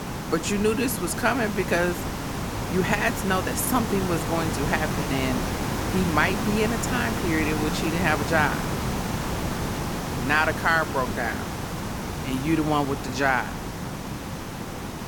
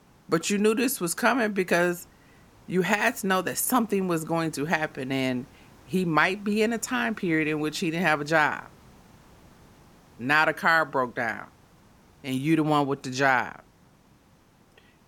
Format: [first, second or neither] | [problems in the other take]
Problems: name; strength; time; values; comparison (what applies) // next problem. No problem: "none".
second | hiss; loud; throughout; 4 dB below the speech; faint in the second